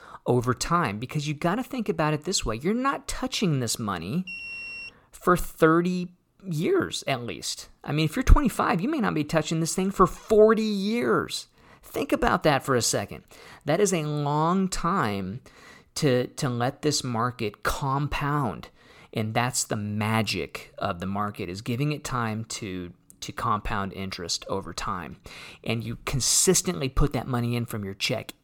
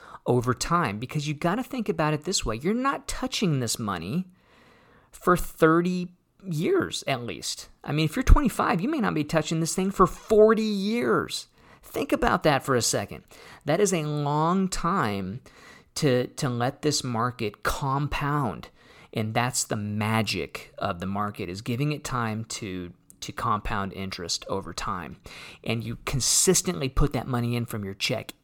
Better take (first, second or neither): second